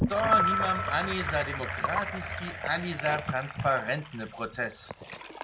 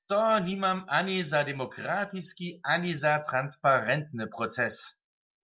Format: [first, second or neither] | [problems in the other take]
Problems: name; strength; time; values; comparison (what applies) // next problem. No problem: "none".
second | background sound (Sink (filling or washing) / Gurgling + Glockenspiel); as loud as the speech